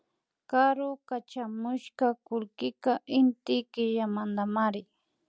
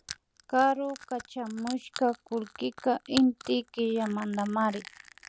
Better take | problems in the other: first | background sound (Crushing); 16 dB below the speech

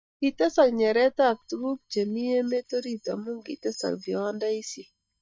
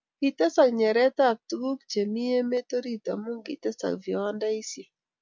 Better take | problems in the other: second | noise reduction (neural mask model DeepFilterNet 3)

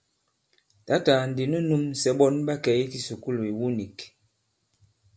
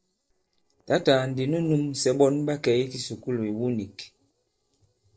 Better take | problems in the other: first | noise reduction (neural separator model SepFormer DNS4)

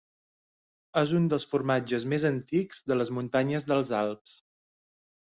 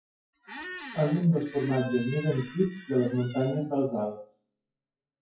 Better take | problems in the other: first | noise reduction (classical method WPE with log-MMSE)

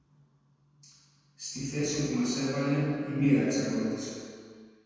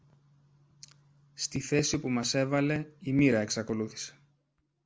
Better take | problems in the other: second | room echo; dies away in 2.1 s

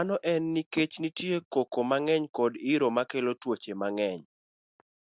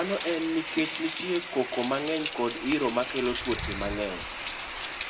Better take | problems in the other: first | background sound (Rain); 6 dB below the speech // room echo; dies away in 0.7 s

